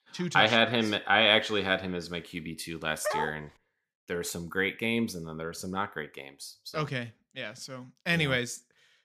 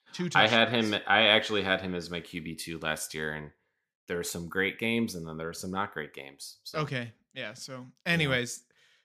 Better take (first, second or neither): second